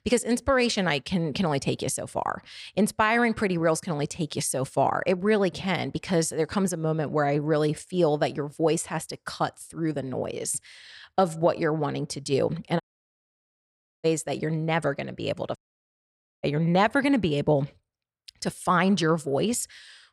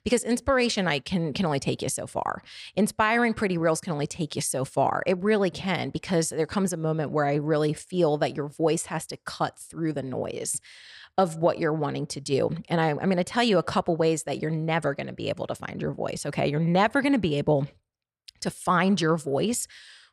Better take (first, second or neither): second